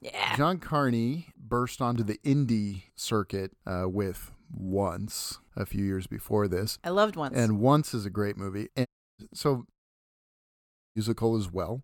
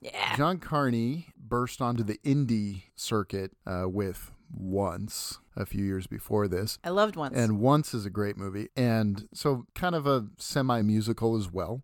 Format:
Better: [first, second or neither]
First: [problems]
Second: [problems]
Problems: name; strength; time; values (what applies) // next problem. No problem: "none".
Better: second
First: audio cutting out; at 9 s and at 9.5 s for 1 s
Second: none